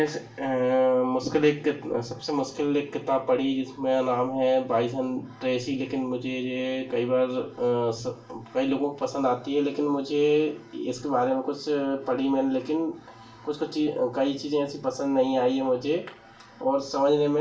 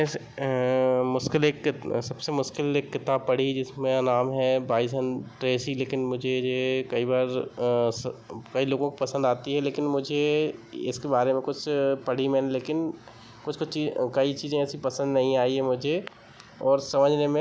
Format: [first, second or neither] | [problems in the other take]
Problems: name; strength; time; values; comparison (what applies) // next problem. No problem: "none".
second | room echo; dies away in 0.3 s